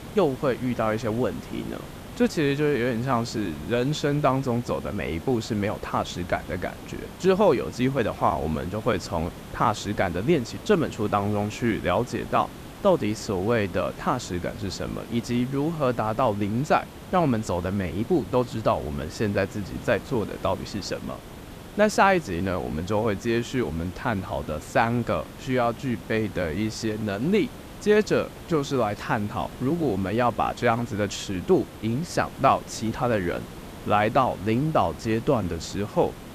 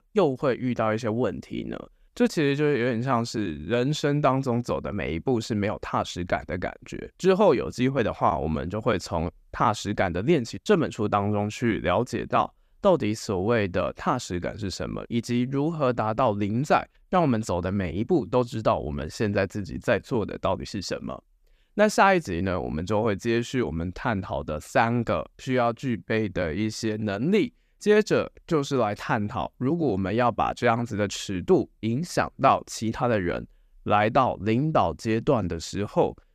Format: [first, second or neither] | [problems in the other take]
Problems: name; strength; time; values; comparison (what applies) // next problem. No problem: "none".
second | hiss; noticeable; throughout; 15 dB below the speech